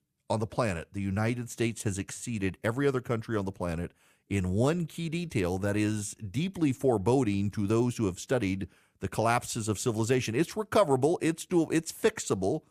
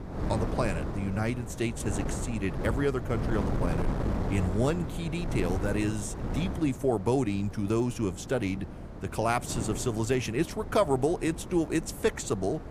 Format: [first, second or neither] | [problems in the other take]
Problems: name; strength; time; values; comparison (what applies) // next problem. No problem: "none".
first | wind noise on the microphone; heavy; 9 dB below the speech